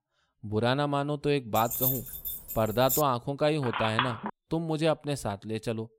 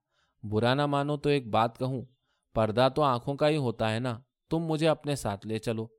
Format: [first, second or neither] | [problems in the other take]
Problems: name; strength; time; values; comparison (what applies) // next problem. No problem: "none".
second | jangling keys; loud; from 1.5 to 3 s; peak 2 dB above the speech // phone ringing; noticeable; at 3.5 s; peak level with the speech